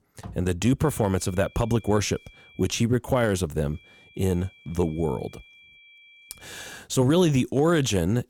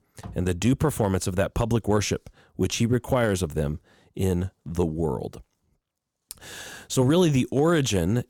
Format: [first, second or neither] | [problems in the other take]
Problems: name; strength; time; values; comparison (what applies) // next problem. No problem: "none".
second | high-pitched whine; faint; from 1 to 2.5 s and from 3.5 to 7 s; 2.5 kHz, 25 dB below the speech